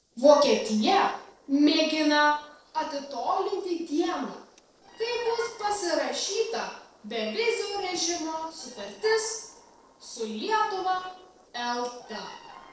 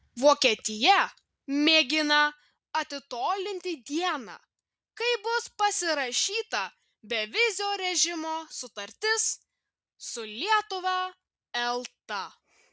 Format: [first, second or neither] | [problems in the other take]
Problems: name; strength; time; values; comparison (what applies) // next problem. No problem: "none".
second | noise reduction (neural separator model SepFormer DNS4)